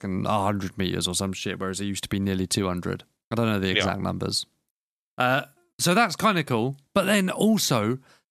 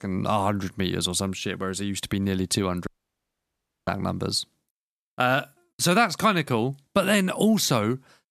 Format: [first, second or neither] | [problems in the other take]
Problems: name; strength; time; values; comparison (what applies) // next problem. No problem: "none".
first | audio cutting out; at 3 s for 1 s